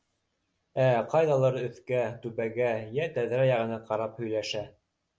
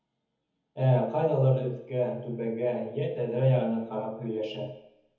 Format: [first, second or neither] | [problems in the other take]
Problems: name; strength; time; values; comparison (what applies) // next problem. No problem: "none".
first | room echo; dies away in 1.1 s